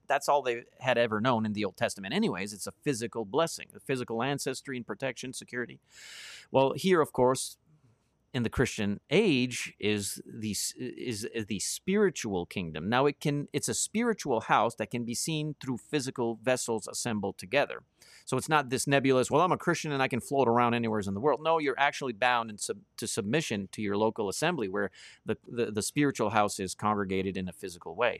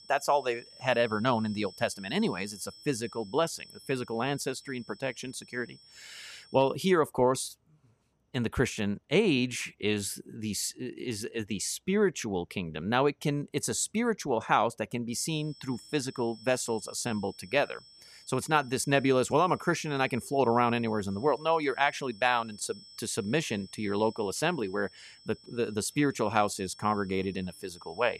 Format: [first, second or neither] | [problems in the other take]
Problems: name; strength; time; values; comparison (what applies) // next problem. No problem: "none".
first | high-pitched whine; faint; until 6.5 s and from 15 s on; 5.5 kHz, 20 dB below the speech